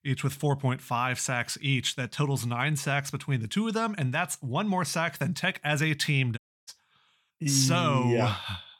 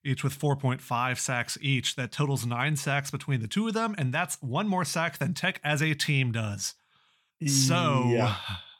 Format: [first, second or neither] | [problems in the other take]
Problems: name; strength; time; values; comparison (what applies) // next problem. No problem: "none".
second | audio cutting out; at 6.5 s